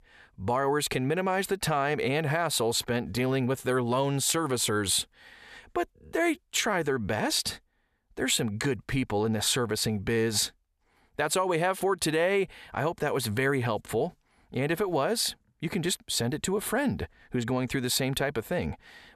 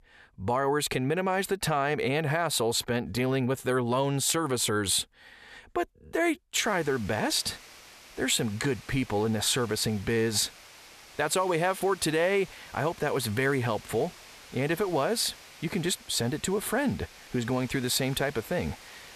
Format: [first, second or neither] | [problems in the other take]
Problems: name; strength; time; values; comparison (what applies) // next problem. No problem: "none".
first | hiss; noticeable; from 6.5 s on; 20 dB below the speech